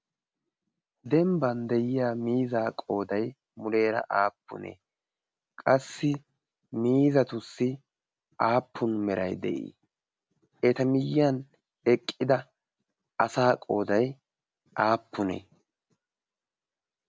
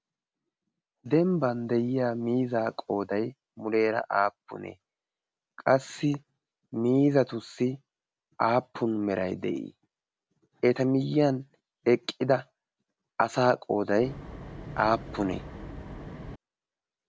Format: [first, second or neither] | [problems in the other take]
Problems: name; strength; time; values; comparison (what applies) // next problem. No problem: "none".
first | background sound (Wind); 12 dB below the speech